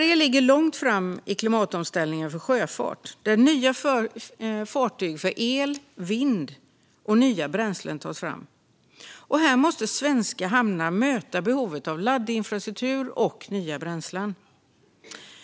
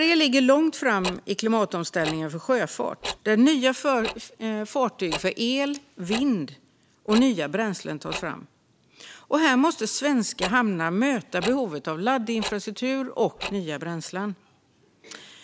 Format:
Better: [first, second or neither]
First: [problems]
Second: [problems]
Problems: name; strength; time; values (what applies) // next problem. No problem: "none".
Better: first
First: none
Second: background sound (Tick-tock); 14 dB below the speech